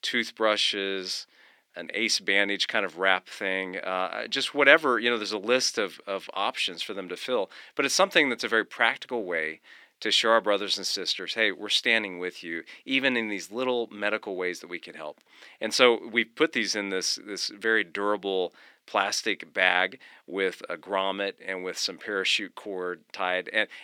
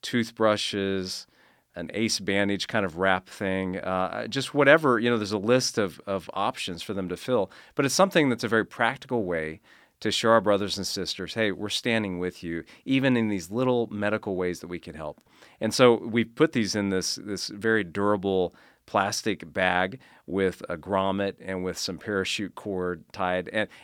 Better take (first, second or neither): second